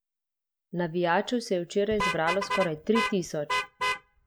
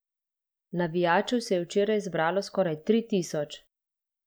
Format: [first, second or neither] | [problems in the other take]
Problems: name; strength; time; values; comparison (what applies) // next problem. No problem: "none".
second | background sound (Vehicle horn, car horn, honking); 5 dB below the speech